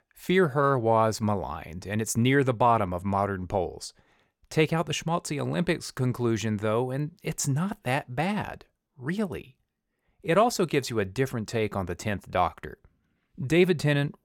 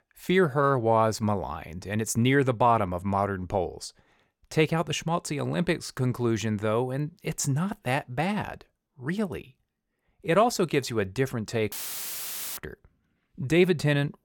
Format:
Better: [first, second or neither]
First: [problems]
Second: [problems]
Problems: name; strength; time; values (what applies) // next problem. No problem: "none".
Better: first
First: none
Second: audio cutting out; filled with static; at 12 s for 1 s